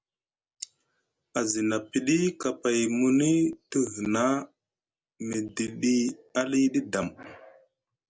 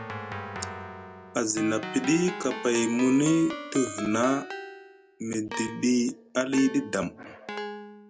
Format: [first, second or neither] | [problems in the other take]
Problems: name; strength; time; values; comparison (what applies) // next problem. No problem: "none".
first | background sound (Keyboard (musical)); 11 dB below the speech